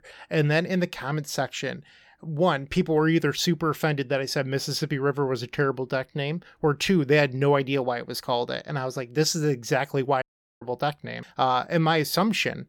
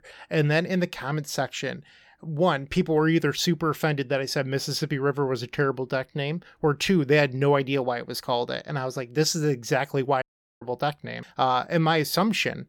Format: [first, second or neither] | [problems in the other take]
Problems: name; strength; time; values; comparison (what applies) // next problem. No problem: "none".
neither | audio cutting out; at 10 s; the same in both